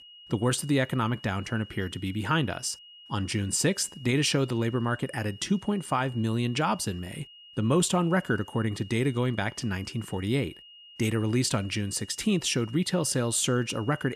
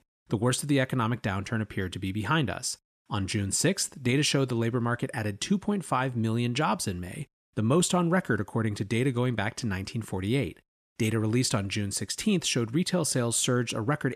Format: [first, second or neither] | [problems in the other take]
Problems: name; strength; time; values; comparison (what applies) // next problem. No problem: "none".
second | high-pitched whine; noticeable; throughout; 3 kHz, 20 dB below the speech